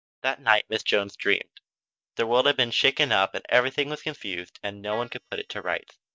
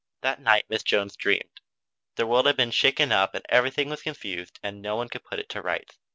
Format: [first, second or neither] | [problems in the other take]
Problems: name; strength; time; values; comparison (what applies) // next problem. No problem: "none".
second | noise reduction (neural mask model DeepFilterNet 3)